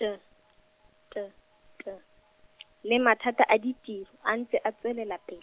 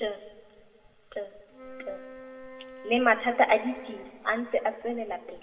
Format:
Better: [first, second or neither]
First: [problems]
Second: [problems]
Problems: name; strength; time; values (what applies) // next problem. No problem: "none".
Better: first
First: none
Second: background sound (Wind instrument, woodwind instrument); 16 dB below the speech // room echo; dies away in 1.8 s